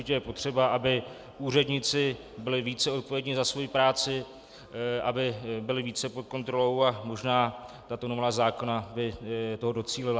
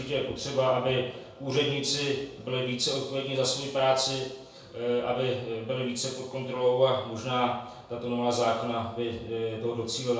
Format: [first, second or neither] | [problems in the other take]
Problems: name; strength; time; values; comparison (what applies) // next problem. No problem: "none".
first | room echo; dies away in 0.7 s